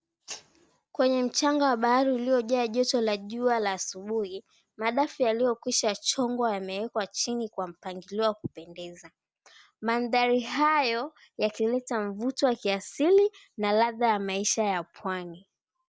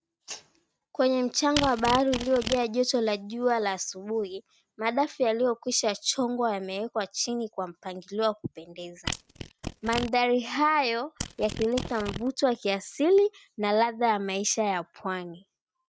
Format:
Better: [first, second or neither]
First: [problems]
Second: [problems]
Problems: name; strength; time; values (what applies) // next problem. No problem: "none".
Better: first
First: none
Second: noise reduction (neural mask model RNNoise)